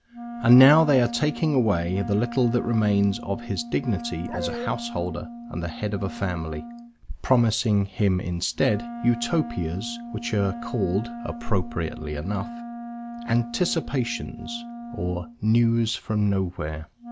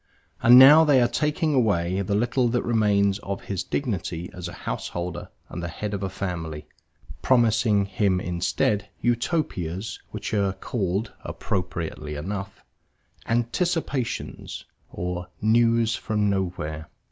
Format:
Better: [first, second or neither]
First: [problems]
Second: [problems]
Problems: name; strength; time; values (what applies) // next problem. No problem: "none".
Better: second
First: background sound (Dog + Wind instrument, woodwind instrument); 12 dB below the speech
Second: none